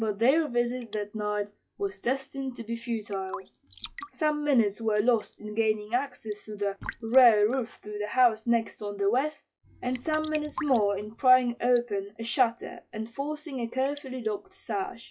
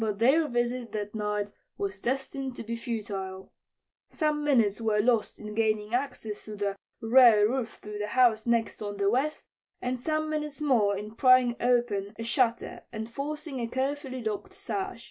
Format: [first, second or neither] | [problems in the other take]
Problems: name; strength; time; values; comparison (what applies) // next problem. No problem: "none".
second | noise reduction (classical method log-MMSE)